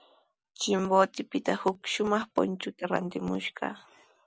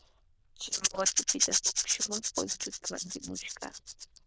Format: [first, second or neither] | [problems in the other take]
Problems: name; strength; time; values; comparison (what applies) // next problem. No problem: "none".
first | noise reduction (neural diffusion model UNIVERSE++)